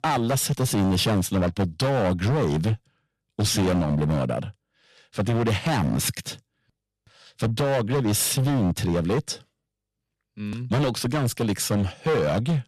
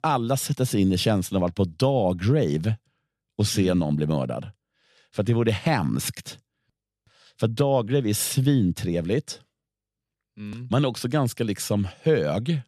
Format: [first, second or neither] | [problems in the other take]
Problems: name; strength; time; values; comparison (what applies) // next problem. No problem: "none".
second | distortion; heavy; 18% of the sound clipped